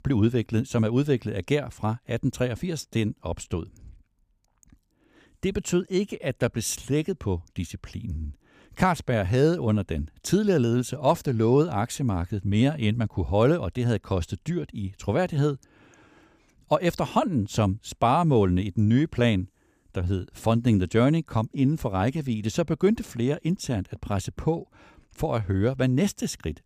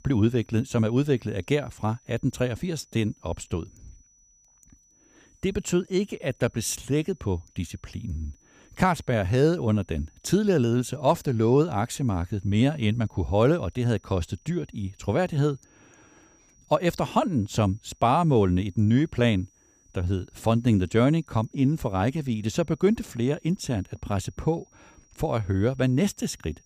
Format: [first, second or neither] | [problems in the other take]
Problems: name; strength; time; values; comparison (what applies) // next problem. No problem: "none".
first | high-pitched whine; faint; throughout; 6 kHz, 35 dB below the speech